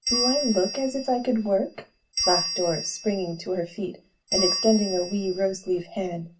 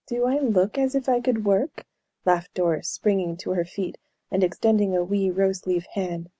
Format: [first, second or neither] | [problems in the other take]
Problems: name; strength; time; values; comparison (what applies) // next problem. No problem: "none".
second | background sound (Bell); 5 dB below the speech // room echo; dies away in 0.2 s